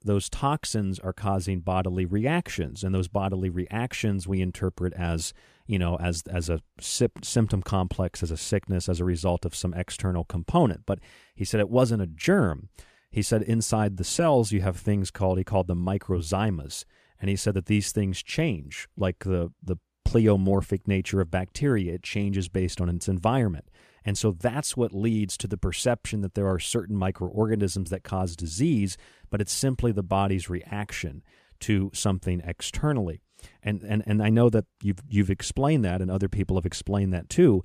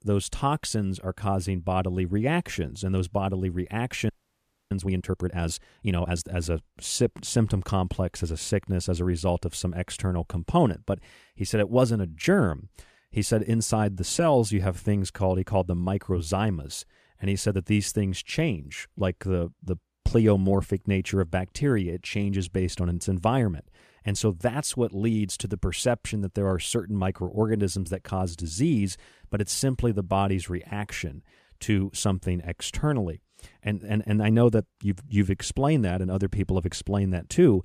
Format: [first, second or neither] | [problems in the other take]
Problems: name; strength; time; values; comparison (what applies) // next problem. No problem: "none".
first | audio freezing; at 4 s for 0.5 s